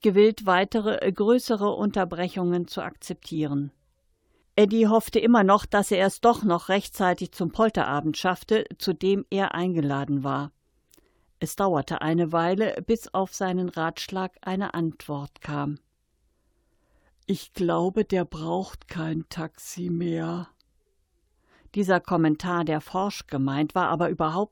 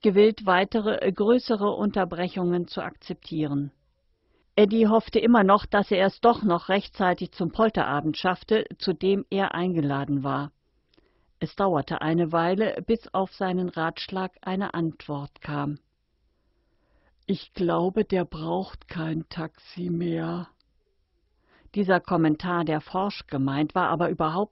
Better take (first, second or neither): first